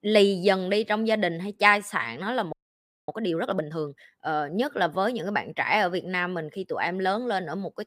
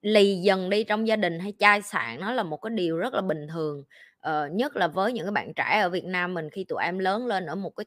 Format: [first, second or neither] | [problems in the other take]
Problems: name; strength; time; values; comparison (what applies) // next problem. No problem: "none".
second | audio freezing; at 2.5 s for 0.5 s